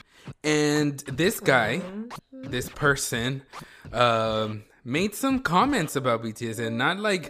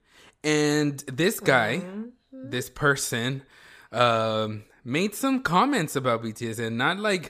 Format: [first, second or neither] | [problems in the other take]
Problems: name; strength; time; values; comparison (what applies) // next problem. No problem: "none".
second | background music; noticeable; throughout; 20 dB below the speech